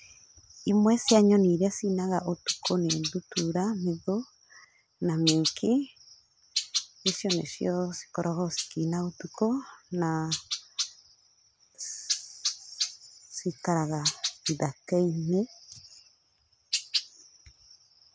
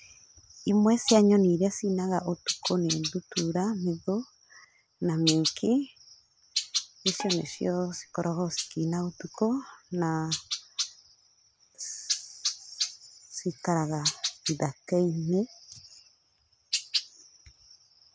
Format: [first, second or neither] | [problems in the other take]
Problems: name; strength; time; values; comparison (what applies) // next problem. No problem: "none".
first | background sound (Bowed string instrument); 19 dB below the speech